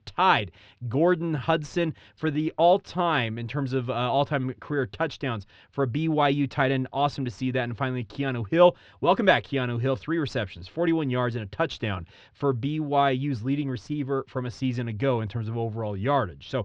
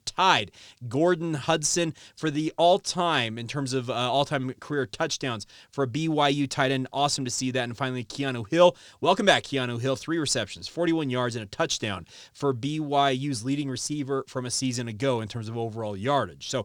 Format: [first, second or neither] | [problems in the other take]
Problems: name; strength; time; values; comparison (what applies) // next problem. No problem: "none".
second | muffled; very; fading above 3 kHz